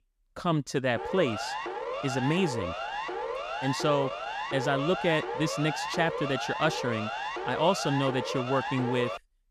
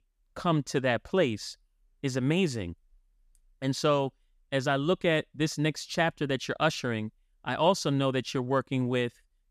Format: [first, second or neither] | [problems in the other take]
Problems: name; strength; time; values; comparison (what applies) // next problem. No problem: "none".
second | siren; noticeable; from 1 s on; peak 4 dB below the speech